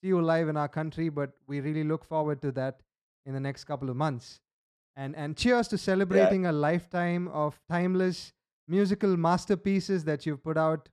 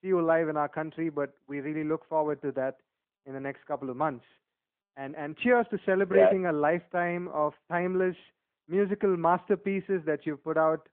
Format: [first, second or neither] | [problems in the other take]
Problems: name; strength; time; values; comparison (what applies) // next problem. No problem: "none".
first | phone-call audio